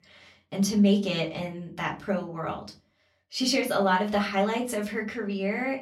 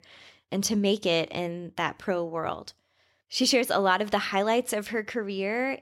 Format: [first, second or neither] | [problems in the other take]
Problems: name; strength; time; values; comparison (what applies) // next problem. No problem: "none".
second | off-mic speech; far // room echo; very slight; dies away in 0.3 s